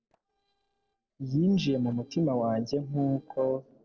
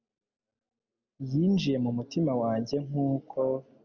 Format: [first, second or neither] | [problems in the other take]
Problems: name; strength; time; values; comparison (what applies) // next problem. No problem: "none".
second | noise reduction (neural separator model SepFormer DNS4)